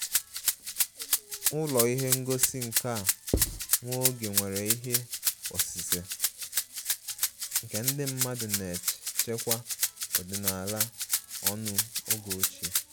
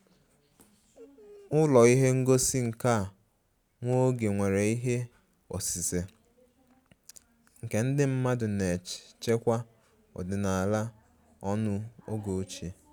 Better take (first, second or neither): second